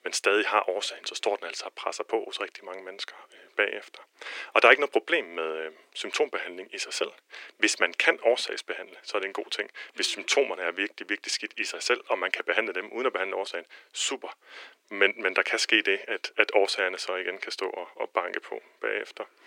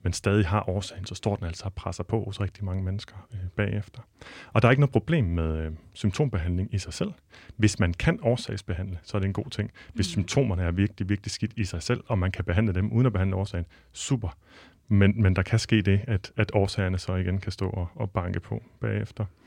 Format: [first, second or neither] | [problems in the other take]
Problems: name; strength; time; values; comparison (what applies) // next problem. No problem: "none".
second | thin; very; fading below 350 Hz